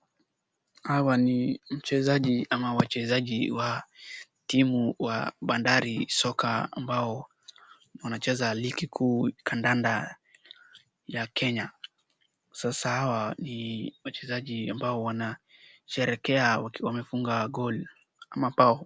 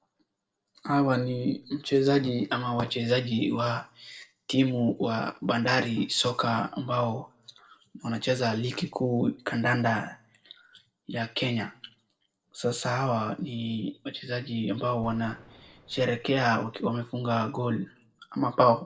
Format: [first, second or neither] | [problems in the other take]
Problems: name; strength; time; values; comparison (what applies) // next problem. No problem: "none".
first | noise reduction (neural separator model SepFormer DNS4)